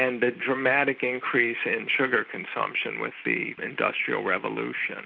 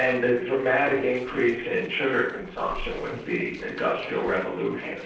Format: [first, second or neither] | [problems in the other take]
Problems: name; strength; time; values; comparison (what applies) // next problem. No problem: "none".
first | noise reduction (neural separator model SepFormer DNS4)